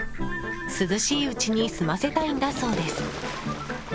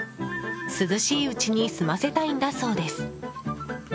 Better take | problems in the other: second | background sound (Fowl); 9 dB below the speech

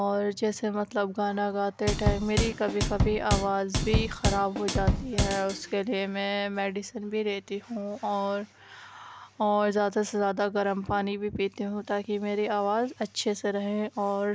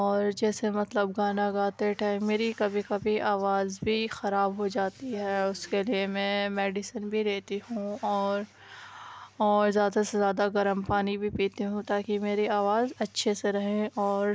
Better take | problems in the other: second | background sound (Drum / Drum kit); 1 dB above the speech

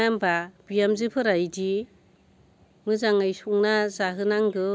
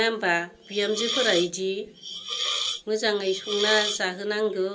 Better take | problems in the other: first | background sound (Hiss); 4 dB below the speech // room echo; dies away in 0.2 s

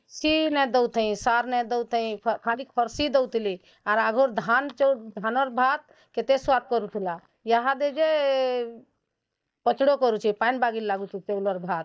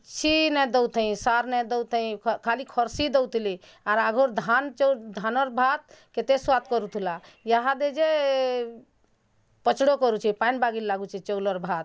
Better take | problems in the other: second | noise reduction (neural mask model DeepFilterNet 3)

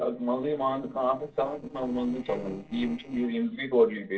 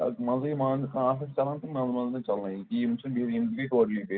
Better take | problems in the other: second | noise reduction (neural separator model SepFormer DNS4)

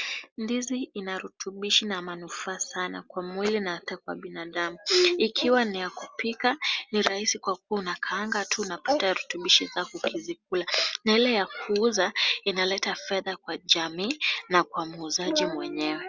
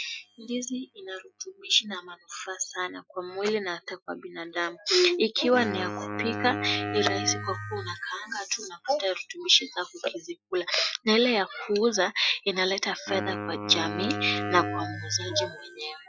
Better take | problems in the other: first | noise reduction (classical method Wiener filter)

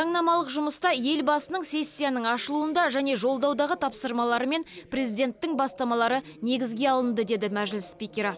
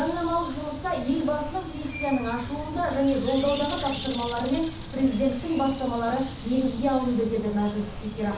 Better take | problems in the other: first | background sound (Bird); 11 dB below the speech // room echo; dies away in 0.7 s

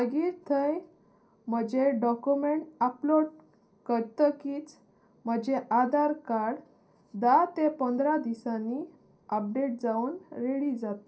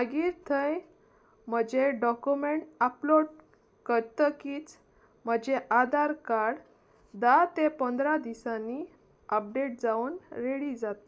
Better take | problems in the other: second | room echo; dies away in 0.3 s

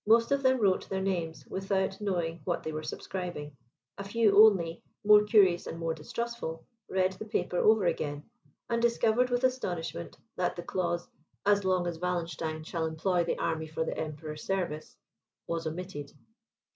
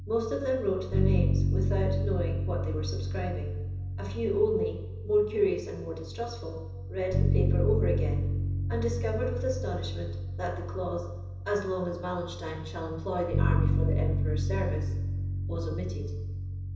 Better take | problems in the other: first | background sound (Bass guitar); 3 dB above the speech // room echo; dies away in 0.9 s

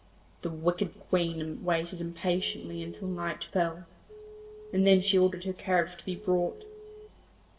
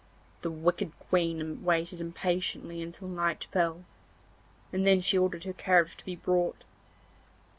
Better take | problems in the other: second | background sound (Telephone); 16 dB below the speech // room echo; dies away in 0.7 s

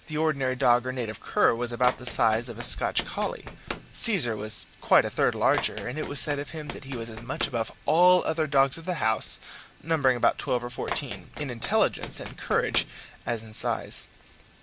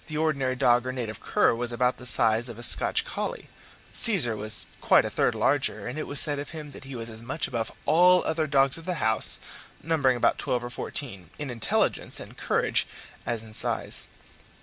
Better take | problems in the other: second | background sound (Run); 13 dB below the speech

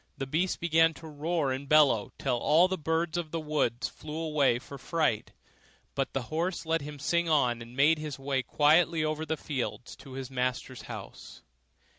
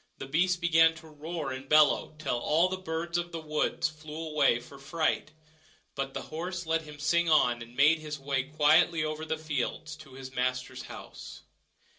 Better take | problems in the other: first | room echo; dies away in 0.2 s

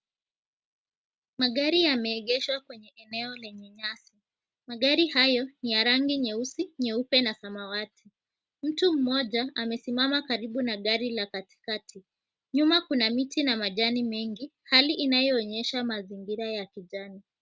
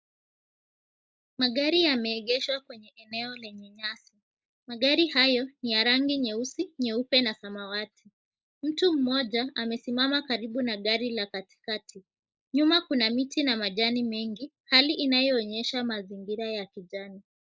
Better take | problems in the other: first | noise reduction (neural mask model Resemble Enhance denoiser)

